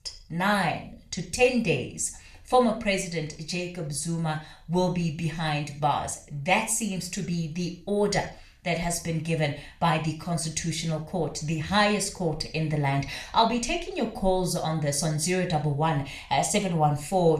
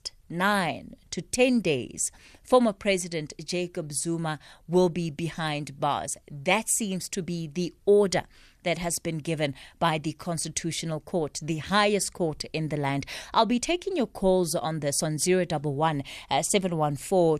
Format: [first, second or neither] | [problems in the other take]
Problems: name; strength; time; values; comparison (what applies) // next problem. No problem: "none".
second | room echo; slight; dies away in 0.4 s // off-mic speech; somewhat distant